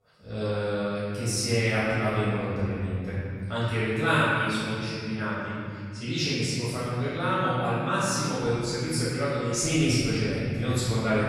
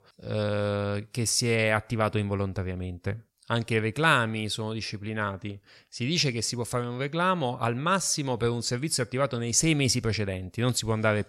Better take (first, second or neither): second